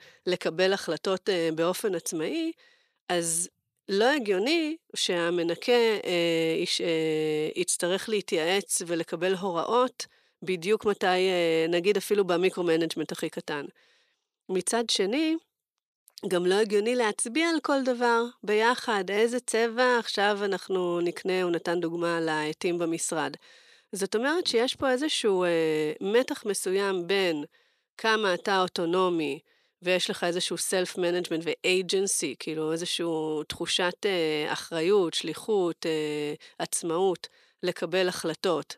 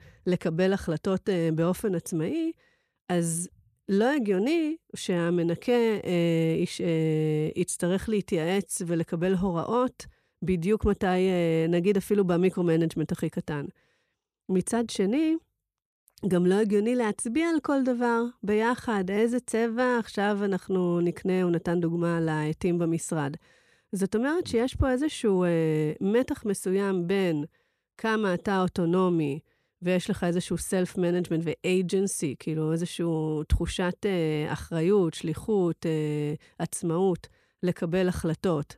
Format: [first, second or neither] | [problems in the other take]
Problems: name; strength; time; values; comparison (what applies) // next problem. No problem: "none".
second | thin; somewhat; fading below 400 Hz